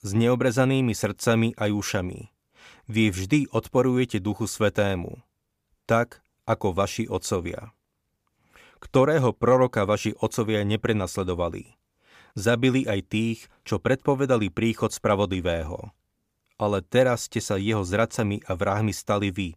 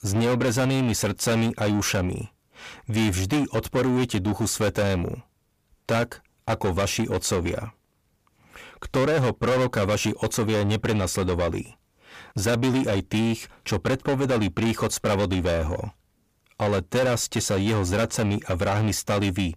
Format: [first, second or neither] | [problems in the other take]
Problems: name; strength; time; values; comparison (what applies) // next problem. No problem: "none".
first | distortion; heavy; 6 dB below the speech